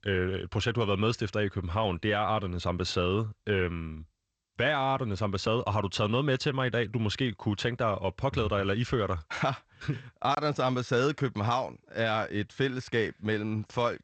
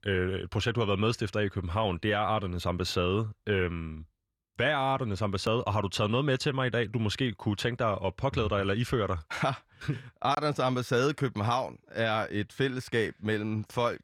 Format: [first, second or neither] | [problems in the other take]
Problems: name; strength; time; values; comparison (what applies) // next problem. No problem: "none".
second | garbled, watery; slightly; nothing above 7.5 kHz